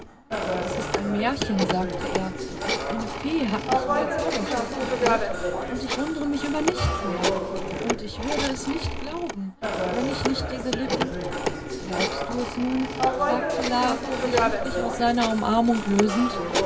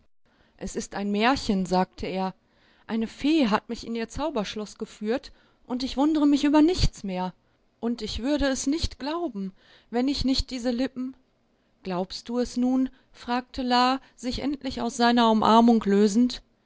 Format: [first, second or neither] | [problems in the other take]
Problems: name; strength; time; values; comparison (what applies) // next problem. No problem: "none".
second | background sound (Telephone); 1 dB above the speech // room echo; dies away in 0.4 s